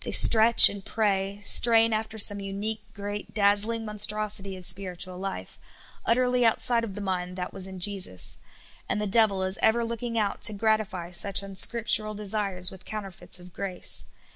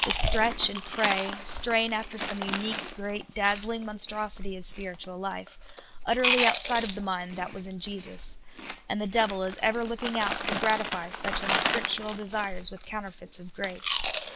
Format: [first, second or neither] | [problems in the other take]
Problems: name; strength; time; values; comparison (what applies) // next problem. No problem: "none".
first | background sound (Chewing, mastication); 4 dB below the speech